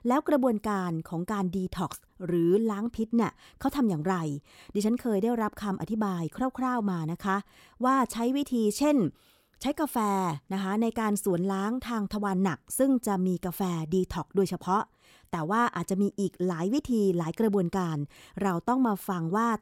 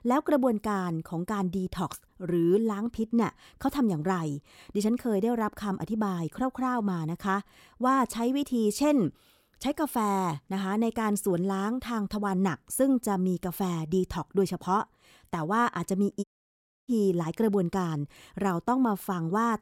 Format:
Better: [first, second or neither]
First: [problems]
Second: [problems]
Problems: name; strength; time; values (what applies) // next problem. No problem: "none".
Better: first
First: none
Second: audio cutting out; at 16 s for 0.5 s